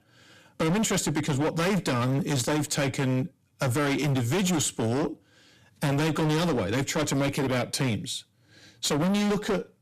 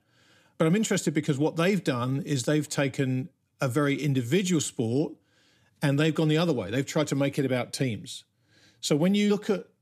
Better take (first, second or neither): second